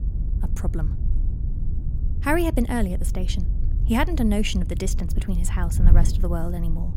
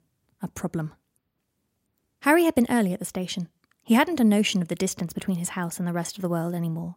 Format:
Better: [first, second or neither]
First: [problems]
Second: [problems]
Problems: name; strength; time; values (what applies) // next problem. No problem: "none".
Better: second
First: wind noise on the microphone; occasional gusts; 15 dB below the speech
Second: none